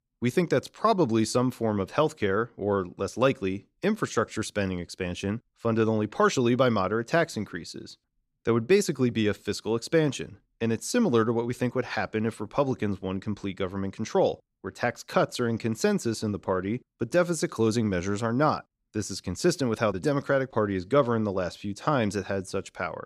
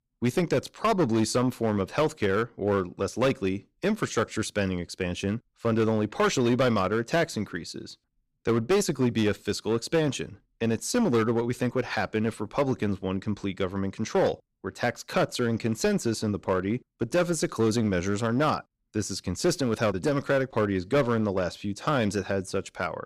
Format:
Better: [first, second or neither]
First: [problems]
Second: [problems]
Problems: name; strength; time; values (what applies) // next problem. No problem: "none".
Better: first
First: none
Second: distortion; slight; 8% of the sound clipped